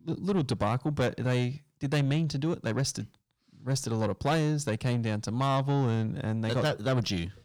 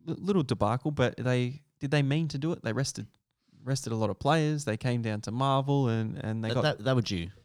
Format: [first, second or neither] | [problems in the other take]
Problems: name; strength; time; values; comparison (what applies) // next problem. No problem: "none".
second | distortion; slight; 10 dB below the speech